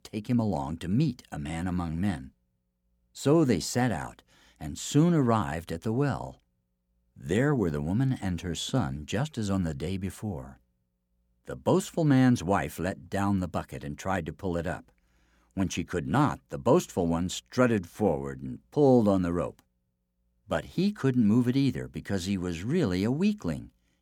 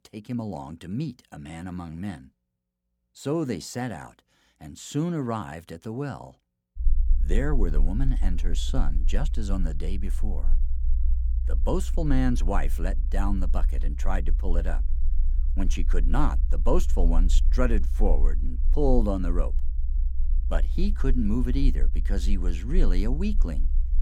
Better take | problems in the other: first | low rumble; noticeable; from 7 s on; 15 dB below the speech

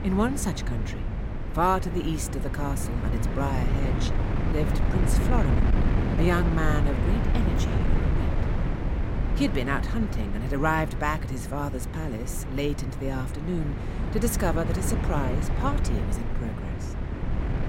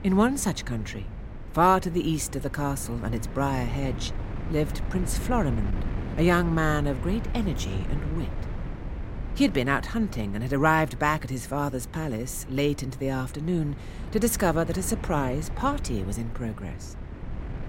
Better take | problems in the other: second | wind noise on the microphone; heavy; 5 dB below the speech; occasional gusts in the second

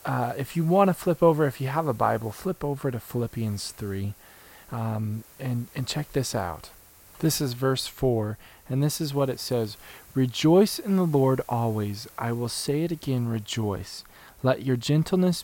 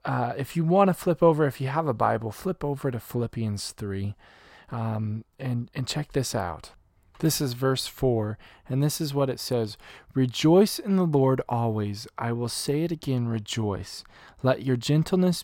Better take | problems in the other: second | hiss; faint; throughout; 25 dB below the speech

